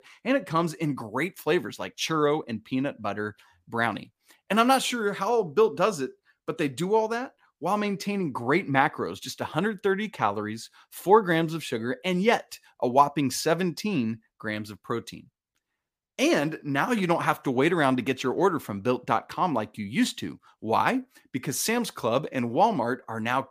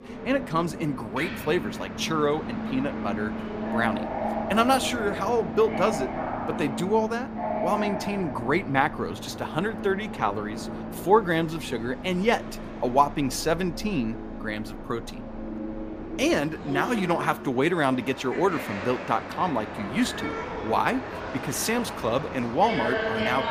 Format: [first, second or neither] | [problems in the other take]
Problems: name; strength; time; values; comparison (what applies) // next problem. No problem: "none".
first | train or aircraft noise; loud; throughout; 7 dB below the speech